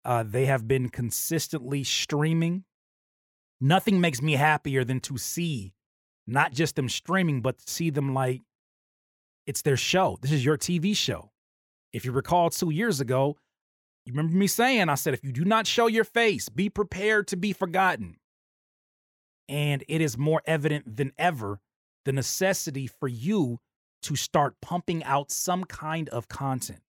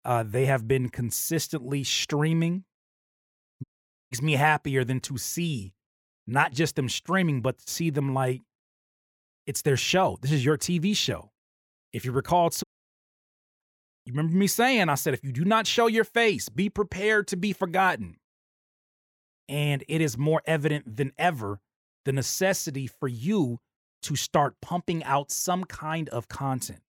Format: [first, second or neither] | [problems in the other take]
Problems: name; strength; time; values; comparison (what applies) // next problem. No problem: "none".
first | audio cutting out; at 3.5 s and at 13 s for 1 s